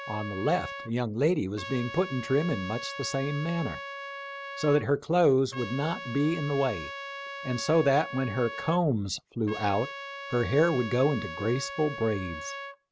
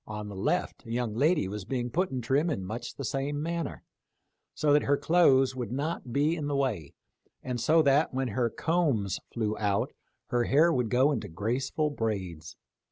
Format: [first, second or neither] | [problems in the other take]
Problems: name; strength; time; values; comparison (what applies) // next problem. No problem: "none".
second | background sound (Trumpet); 11 dB below the speech